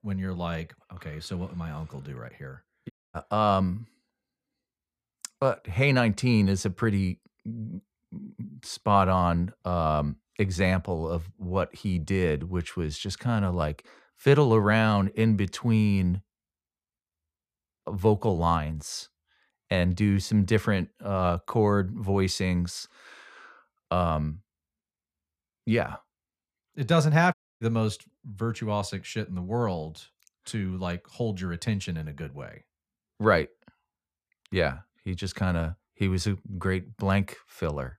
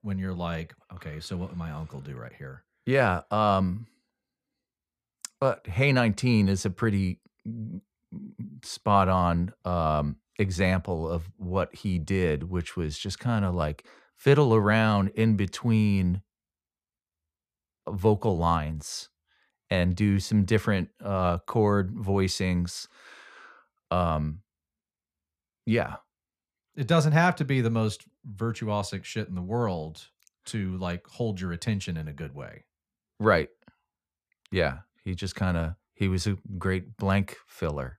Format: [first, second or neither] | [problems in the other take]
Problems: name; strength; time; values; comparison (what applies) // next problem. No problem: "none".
second | audio cutting out; at 3 s and at 27 s